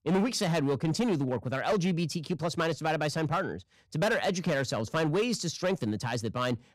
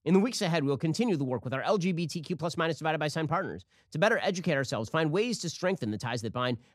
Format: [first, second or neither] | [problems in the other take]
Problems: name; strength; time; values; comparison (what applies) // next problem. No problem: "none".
second | distortion; slight; 9% of the sound clipped